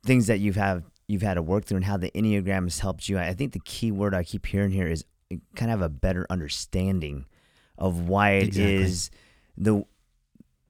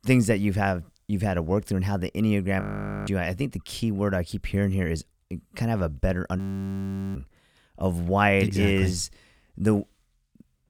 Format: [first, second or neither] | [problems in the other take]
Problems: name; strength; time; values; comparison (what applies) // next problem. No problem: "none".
first | audio freezing; at 2.5 s and at 6.5 s for 1 s